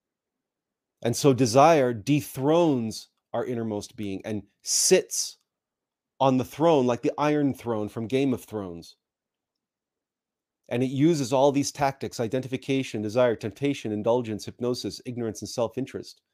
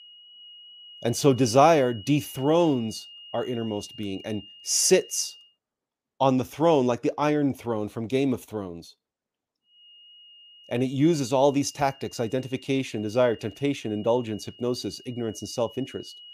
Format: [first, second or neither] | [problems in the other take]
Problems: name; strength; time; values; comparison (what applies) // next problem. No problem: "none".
first | high-pitched whine; faint; until 5.5 s and from 10 s on; 3 kHz, 20 dB below the speech